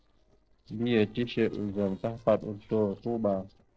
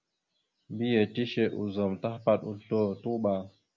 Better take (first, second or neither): second